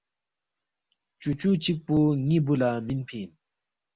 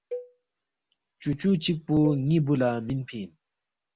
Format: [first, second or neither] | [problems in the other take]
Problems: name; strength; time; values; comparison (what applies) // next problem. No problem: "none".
first | background sound (Cowbell); 16 dB below the speech